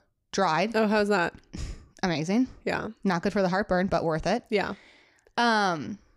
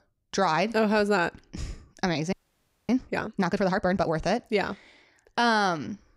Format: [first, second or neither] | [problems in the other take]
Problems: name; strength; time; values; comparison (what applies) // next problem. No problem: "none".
first | audio freezing; at 2.5 s for 0.5 s